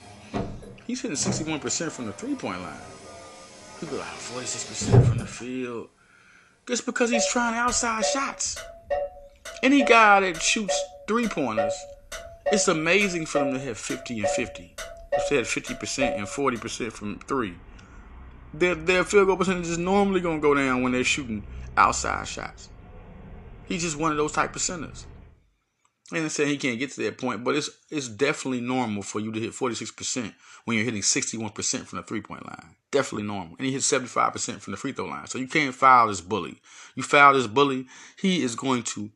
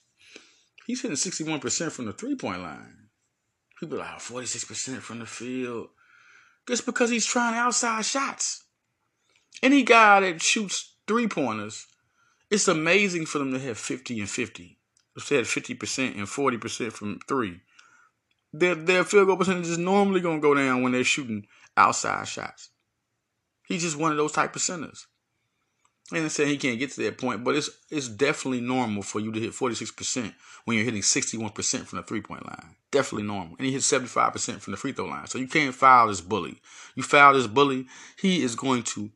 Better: second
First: traffic noise; loud; until 25 s; 7 dB below the speech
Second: none

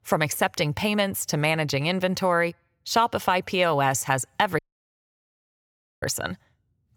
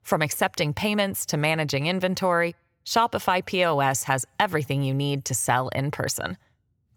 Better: second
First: audio cutting out; at 4.5 s for 1.5 s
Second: none

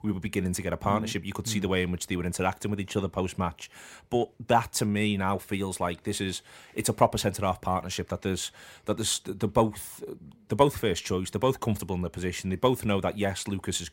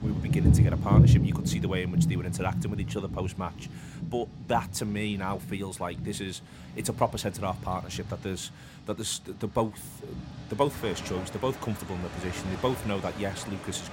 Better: first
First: none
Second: rain or running water; very loud; throughout; 4 dB above the speech

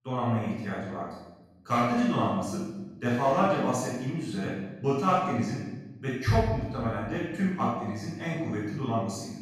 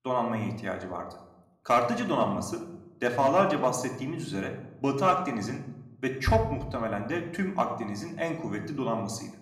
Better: second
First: room echo; strong; dies away in 1.1 s // off-mic speech; far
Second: room echo; slight; dies away in 0.7 s

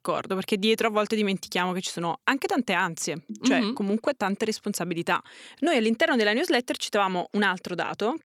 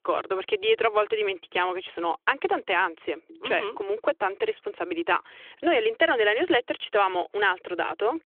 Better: first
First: none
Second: phone-call audio

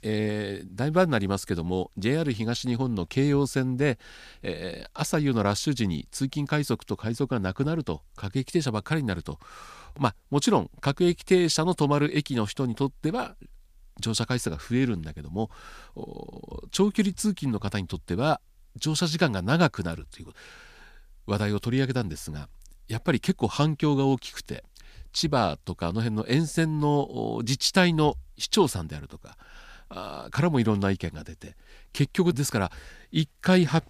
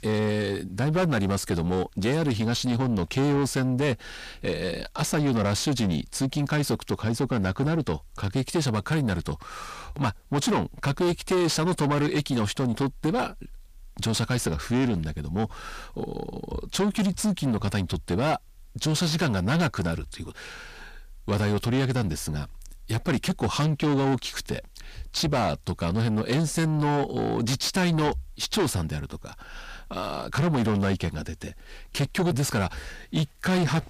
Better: first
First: none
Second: distortion; heavy; 6 dB below the speech

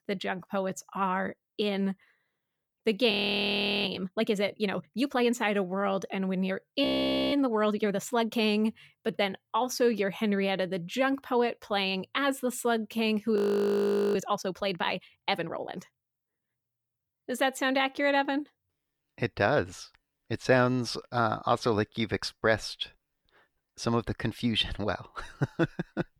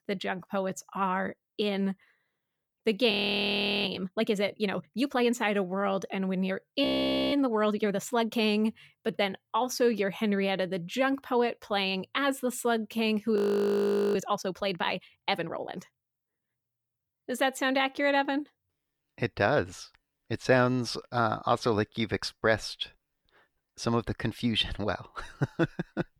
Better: neither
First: audio freezing; at 3 s for 0.5 s, at 7 s and at 13 s for 1 s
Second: audio freezing; at 3 s for 0.5 s, at 7 s and at 13 s for 1 s

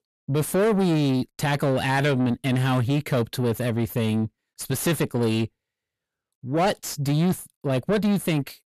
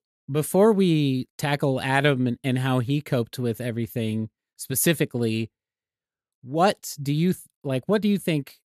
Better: second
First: distortion; heavy; 8 dB below the speech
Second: none

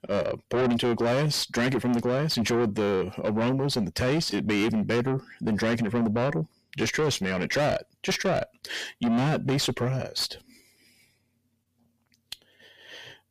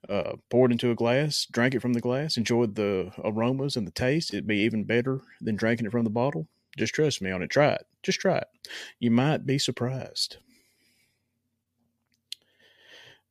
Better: second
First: distortion; heavy; 6 dB below the speech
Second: none

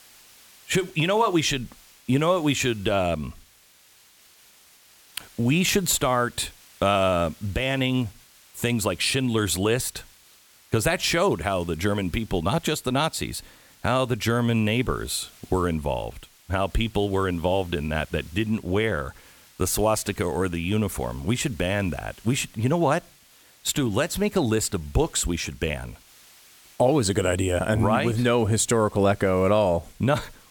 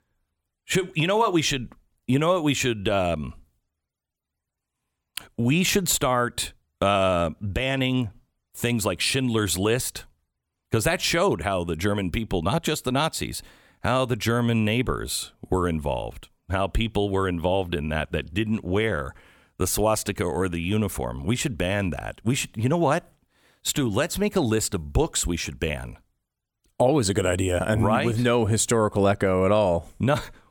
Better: second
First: hiss; faint; throughout; 25 dB below the speech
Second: none

